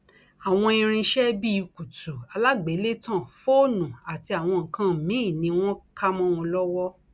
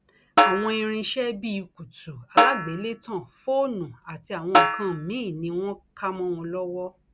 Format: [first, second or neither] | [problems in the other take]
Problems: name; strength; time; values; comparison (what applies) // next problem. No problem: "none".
first | background sound (Snare drum); 3 dB above the speech